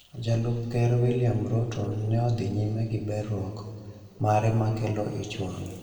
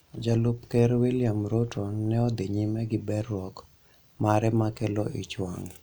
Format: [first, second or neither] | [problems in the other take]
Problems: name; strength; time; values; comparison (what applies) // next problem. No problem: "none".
second | room echo; dies away in 2.1 s